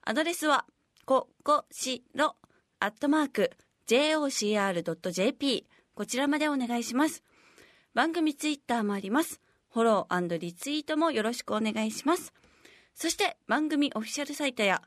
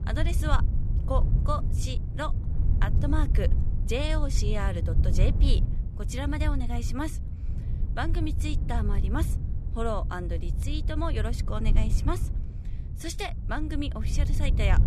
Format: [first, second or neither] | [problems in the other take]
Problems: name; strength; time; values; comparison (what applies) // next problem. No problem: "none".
first | wind noise on the microphone; heavy; 10 dB below the speech